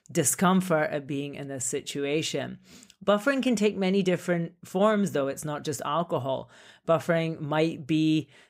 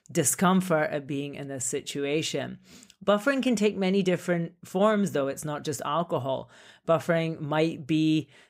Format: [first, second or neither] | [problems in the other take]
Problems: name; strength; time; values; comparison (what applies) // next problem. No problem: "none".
neither | none